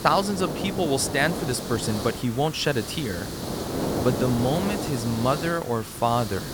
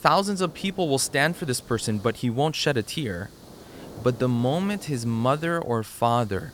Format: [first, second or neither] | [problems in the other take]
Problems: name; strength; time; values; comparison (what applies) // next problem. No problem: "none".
second | hiss; loud; throughout; 5 dB below the speech; faint in the second